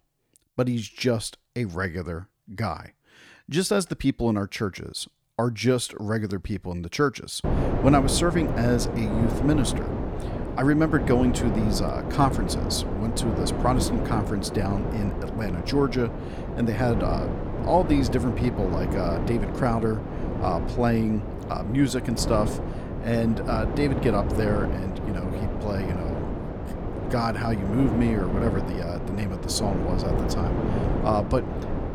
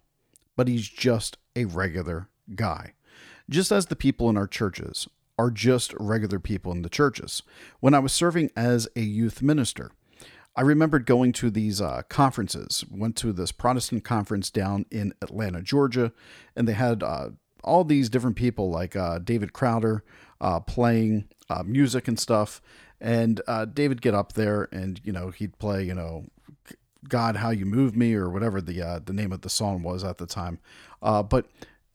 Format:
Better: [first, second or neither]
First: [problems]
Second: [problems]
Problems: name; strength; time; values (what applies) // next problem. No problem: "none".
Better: second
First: wind noise on the microphone; heavy; from 7.5 s on; 5 dB below the speech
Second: none